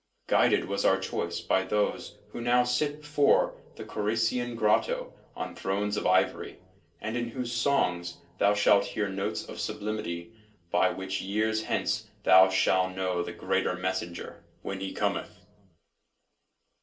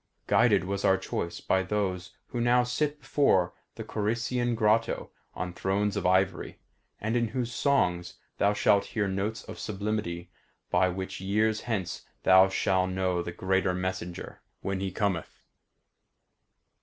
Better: second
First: room echo; dies away in 0.2 s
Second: none

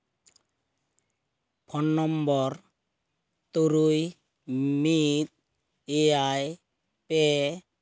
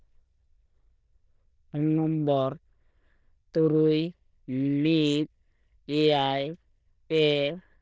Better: first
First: none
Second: noise reduction (neural diffusion model UNIVERSE++)

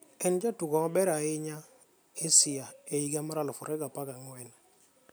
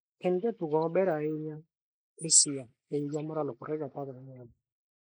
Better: first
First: none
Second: noise reduction (neural mask model Resemble Enhance denoiser)

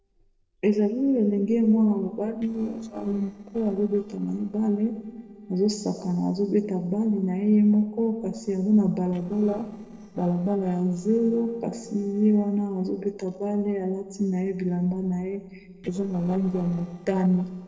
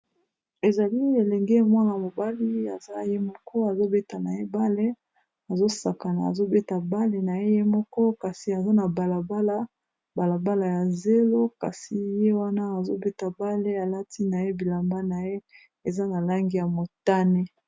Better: second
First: noise reduction (neural separator model SepFormer DNS4)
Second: none

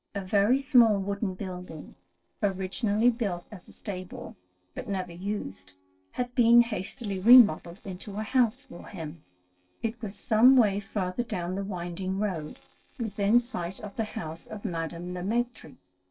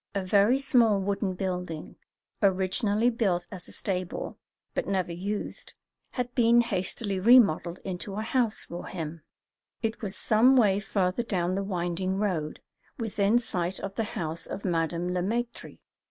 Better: second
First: noise reduction (neural separator model SepFormer DNS4)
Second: none

